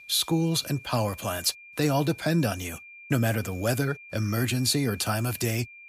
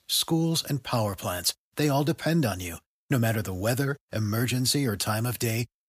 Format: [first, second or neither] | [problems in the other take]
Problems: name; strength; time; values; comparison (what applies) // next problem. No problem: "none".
second | high-pitched whine; noticeable; throughout; 2.5 kHz, 20 dB below the speech